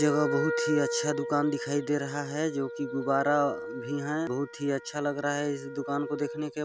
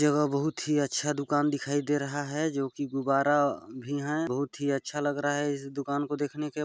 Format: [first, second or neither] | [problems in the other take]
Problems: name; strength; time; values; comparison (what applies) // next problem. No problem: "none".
second | background sound (Wind instrument, woodwind instrument); 6 dB below the speech